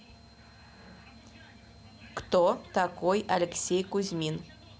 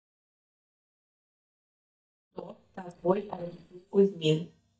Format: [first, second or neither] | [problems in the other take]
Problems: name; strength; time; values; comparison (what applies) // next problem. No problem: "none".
first | noise reduction (neural mask model DeepFilterNet 3)